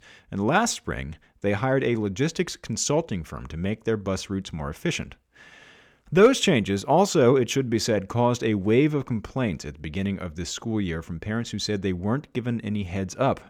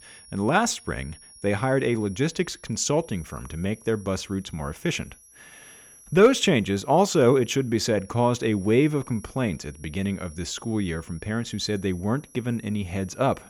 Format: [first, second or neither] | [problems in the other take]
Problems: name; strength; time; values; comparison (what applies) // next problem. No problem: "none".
first | high-pitched whine; faint; throughout; 10.5 kHz, 25 dB below the speech